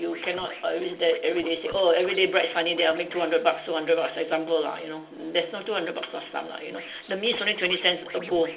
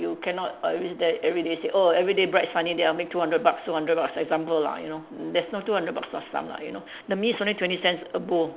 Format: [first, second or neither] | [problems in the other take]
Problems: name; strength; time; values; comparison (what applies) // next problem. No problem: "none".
second | background sound (Scratching (performance technique)); 19 dB below the speech // room echo; dies away in 0.2 s